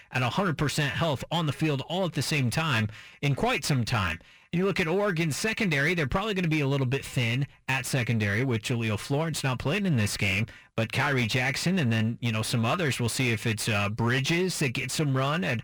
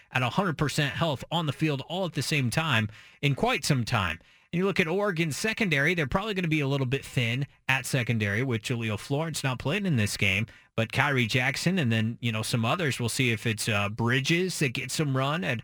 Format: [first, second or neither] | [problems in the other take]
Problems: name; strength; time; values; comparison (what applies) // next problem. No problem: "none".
second | distortion; slight; 10 dB below the speech